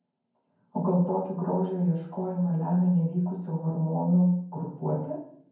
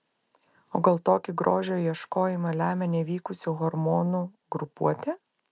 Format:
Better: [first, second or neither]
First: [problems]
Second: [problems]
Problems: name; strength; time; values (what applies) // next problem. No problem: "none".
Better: second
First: room echo; dies away in 0.9 s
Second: none